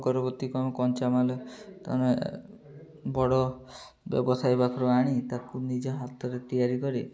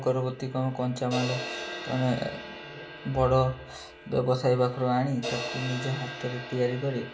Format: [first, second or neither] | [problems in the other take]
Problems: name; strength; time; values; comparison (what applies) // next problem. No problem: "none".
first | background sound (Crash cymbal); 11 dB below the speech // room echo; dies away in 0.2 s